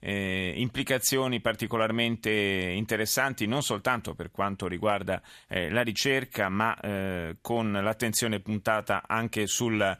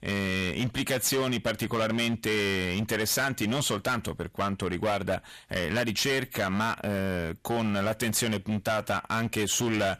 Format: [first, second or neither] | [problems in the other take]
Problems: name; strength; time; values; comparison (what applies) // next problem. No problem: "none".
first | distortion; heavy; 16% of the sound clipped